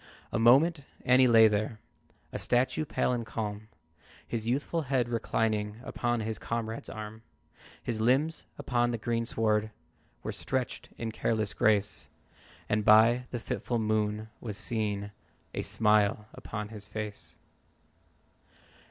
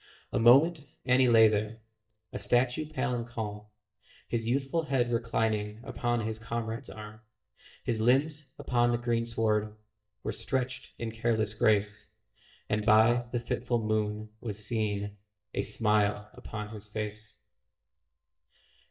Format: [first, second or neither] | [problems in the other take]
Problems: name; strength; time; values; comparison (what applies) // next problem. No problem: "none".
first | noise reduction (neural mask model DeepFilterNet 3)